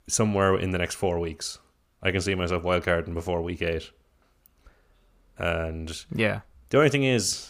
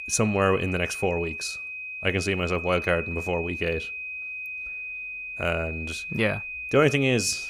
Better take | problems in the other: first | high-pitched whine; loud; throughout; 2.5 kHz, 6 dB below the speech

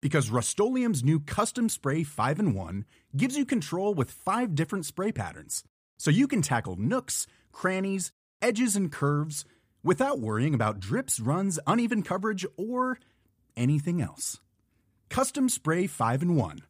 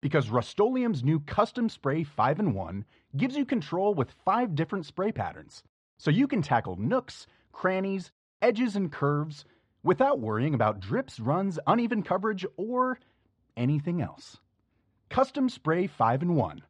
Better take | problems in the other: first | muffled; very; fading above 4 kHz

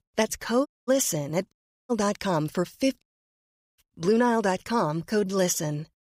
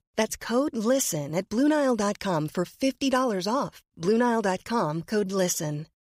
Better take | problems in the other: second | audio cutting out; at 0.5 s, at 1.5 s and at 3 s for 1 s

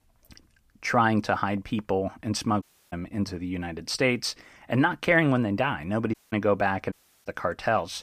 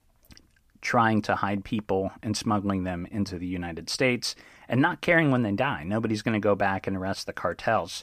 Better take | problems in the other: second | audio cutting out; at 2.5 s, at 6 s and at 7 s

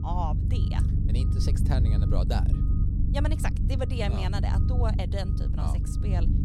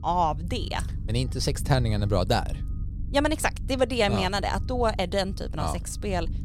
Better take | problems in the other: second | low rumble; loud; throughout; 4 dB below the speech; faint in the second

